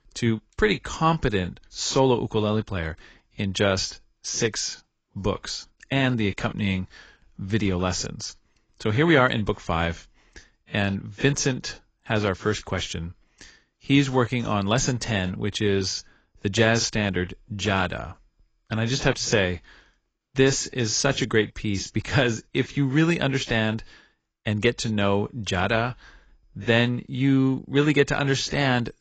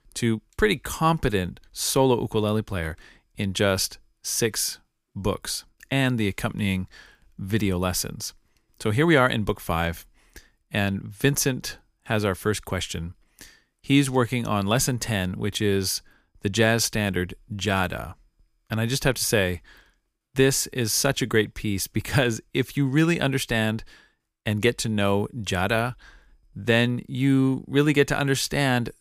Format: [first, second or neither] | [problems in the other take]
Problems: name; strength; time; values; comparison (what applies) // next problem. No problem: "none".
second | garbled, watery; badly; nothing above 7.5 kHz